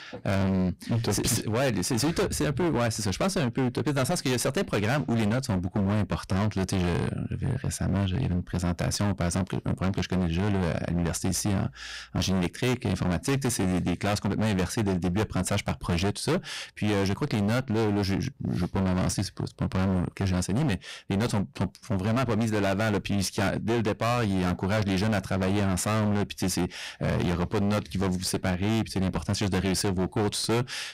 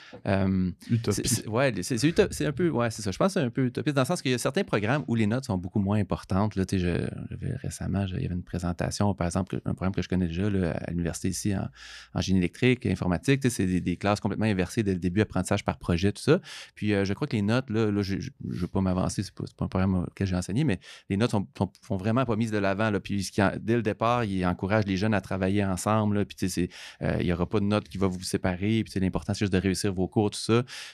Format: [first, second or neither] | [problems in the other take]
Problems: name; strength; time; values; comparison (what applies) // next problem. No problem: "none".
second | distortion; heavy; 29% of the sound clipped